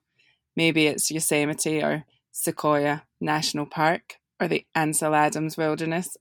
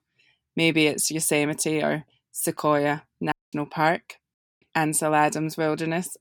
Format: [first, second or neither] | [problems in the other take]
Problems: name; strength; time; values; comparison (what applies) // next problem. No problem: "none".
first | audio cutting out; at 3.5 s and at 4.5 s